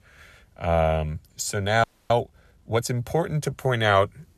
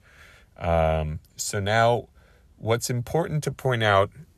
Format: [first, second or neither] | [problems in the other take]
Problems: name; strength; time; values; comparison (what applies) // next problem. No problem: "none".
second | audio freezing; at 2 s